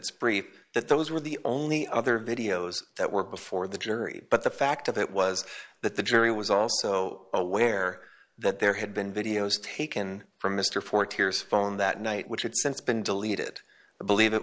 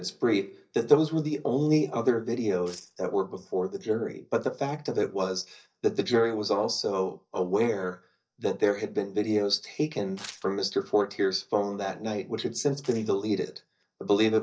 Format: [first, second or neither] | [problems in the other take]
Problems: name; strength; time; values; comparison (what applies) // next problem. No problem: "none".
first | noise reduction (neural mask model DeepFilterNet 3)